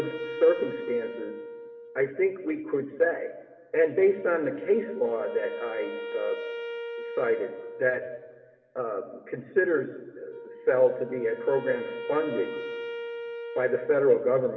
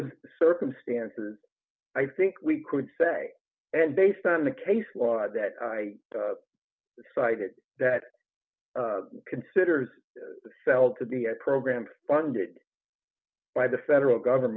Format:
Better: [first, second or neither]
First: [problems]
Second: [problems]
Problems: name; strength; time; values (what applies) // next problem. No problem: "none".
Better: second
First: background sound (Wind instrument, woodwind instrument); 11 dB below the speech // room echo; dies away in 1.9 s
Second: none